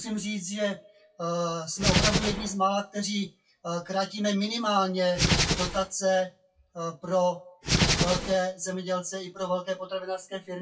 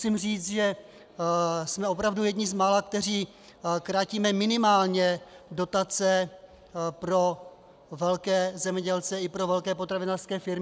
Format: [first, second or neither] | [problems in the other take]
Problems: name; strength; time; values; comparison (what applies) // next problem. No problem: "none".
second | noise reduction (classical method WPE with log-MMSE)